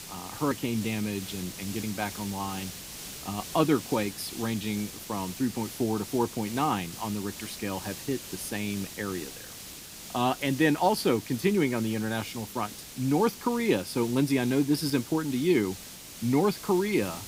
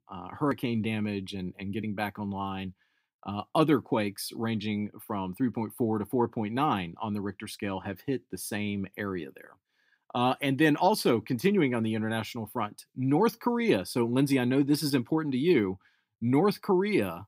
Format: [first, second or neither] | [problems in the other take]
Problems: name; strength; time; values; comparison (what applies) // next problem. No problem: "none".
second | hiss; noticeable; throughout; 10 dB below the speech